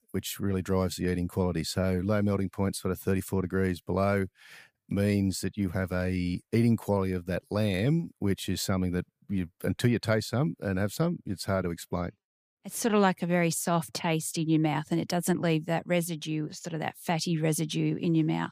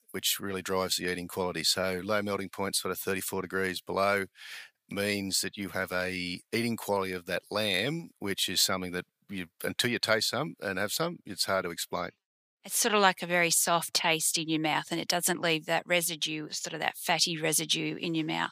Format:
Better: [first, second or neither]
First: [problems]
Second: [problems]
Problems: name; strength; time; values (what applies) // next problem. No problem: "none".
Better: first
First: none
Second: thin; somewhat; fading below 1 kHz